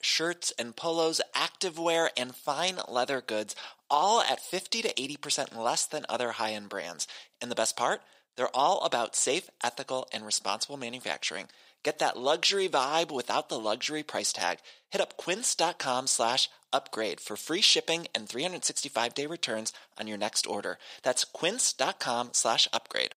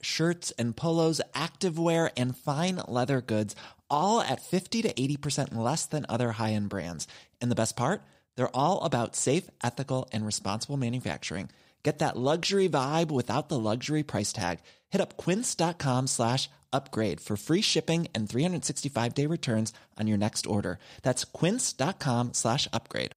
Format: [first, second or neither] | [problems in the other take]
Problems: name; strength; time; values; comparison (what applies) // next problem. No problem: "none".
second | thin; very; fading below 500 Hz